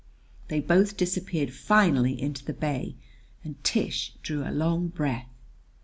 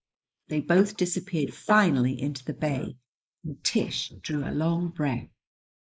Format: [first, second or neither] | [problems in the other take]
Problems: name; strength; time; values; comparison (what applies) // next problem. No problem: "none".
first | noise reduction (neural mask model Resemble Enhance denoiser)